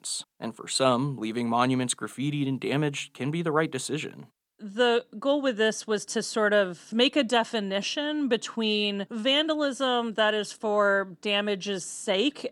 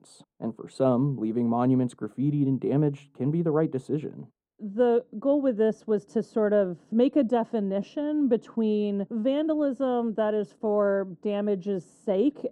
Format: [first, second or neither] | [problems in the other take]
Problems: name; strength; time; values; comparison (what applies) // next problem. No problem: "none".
first | muffled; very; fading above 1 kHz